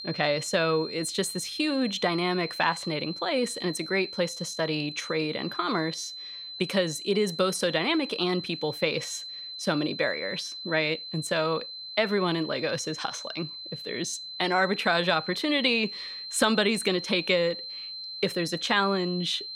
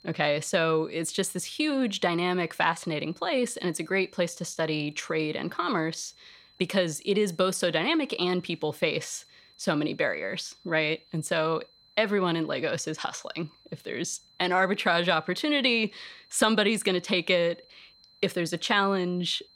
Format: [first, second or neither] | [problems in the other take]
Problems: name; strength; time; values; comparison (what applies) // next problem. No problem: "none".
second | high-pitched whine; loud; throughout; 4 kHz, 9 dB below the speech; faint in the second